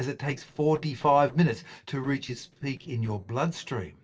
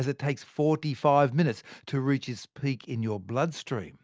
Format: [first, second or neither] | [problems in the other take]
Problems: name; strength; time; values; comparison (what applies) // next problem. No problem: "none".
second | noise reduction (neural separator model SepFormer DNS4)